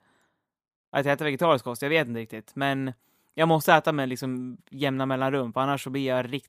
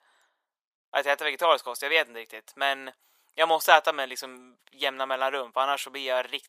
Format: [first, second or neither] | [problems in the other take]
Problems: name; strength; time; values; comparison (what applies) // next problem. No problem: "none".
first | thin; very; fading below 600 Hz